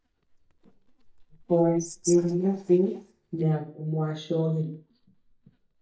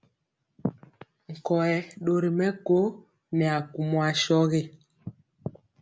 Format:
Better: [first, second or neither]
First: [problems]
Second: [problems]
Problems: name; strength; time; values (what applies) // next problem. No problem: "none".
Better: second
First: noise reduction (neural mask model DeepFilterNet 3)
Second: none